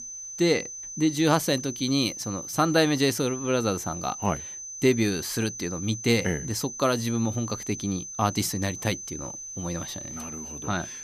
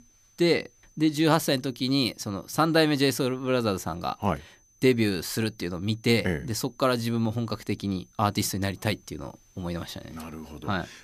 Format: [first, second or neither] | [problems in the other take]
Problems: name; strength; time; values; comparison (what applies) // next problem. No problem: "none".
second | high-pitched whine; loud; throughout; 6 kHz, 9 dB below the speech; faint in the second